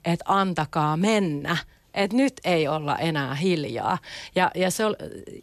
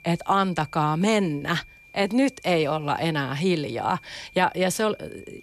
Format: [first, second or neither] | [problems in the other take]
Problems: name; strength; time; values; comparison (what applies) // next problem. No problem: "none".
first | high-pitched whine; faint; throughout; 2.5 kHz, 25 dB below the speech